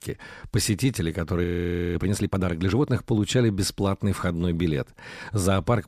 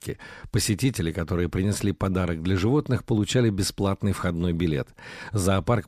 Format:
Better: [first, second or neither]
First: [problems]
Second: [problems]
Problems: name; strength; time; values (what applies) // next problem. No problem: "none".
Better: second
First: audio freezing; at 1.5 s for 0.5 s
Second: none